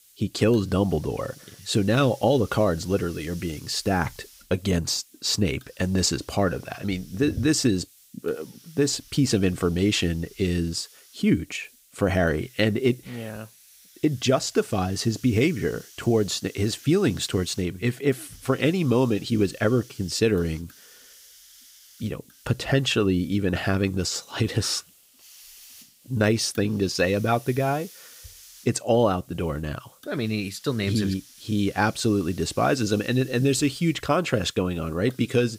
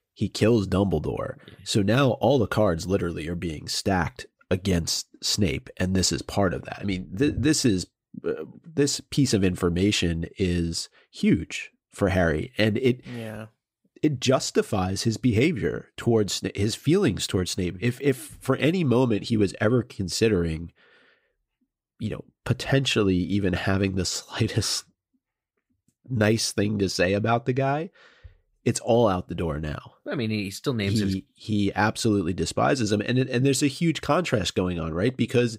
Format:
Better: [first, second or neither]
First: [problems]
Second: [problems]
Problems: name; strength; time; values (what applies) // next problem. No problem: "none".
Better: second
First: hiss; faint; throughout; 25 dB below the speech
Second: none